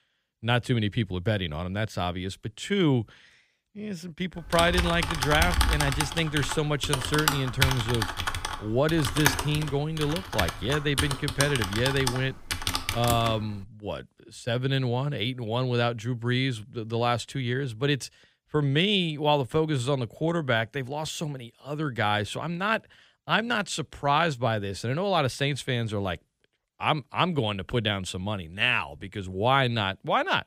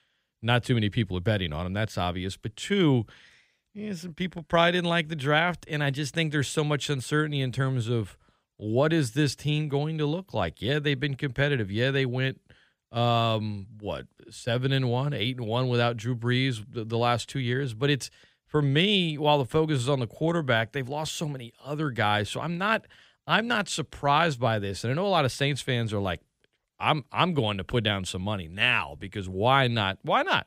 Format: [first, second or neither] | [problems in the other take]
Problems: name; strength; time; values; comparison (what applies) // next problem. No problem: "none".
second | keyboard typing; loud; from 4.5 to 13 s; peak 3 dB above the speech